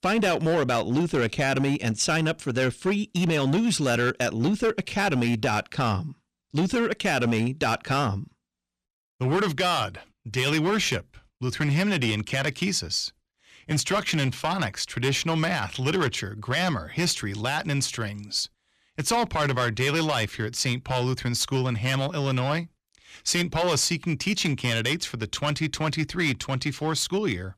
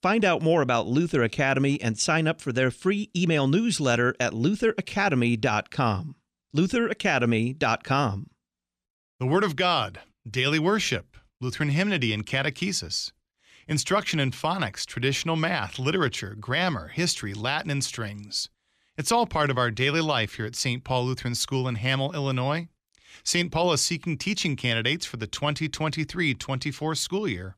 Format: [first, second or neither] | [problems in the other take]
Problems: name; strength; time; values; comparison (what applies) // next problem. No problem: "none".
second | distortion; slight; 9% of the sound clipped